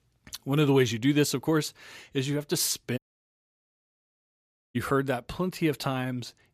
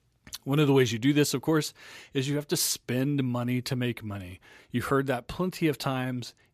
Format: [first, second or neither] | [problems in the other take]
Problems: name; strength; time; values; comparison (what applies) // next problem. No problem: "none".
second | audio cutting out; at 3 s for 2 s